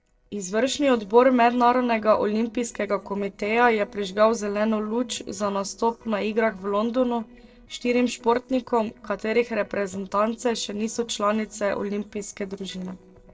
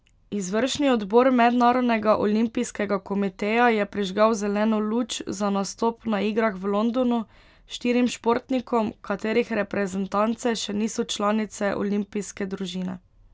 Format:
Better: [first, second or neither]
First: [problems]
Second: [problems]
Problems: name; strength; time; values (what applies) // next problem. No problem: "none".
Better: second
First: noise reduction (neural separator model SepFormer DNS4)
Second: none